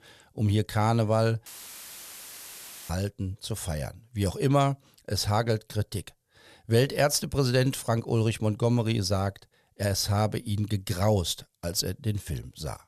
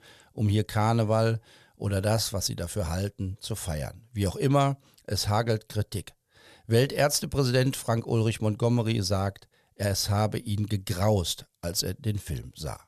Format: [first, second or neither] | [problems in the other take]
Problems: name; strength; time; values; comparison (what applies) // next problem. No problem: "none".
second | audio cutting out; filled with static; at 1.5 s for 1.5 s